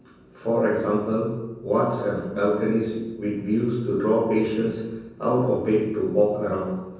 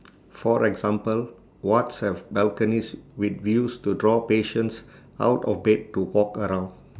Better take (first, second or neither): second